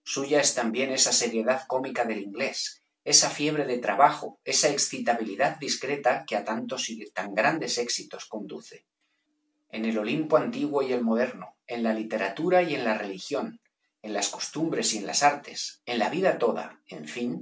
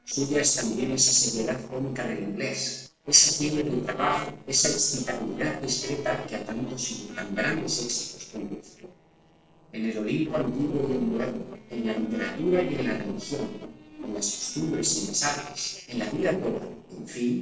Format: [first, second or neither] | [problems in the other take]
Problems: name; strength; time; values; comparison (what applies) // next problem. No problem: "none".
first | noise reduction (neural separator model SepFormer DNS4)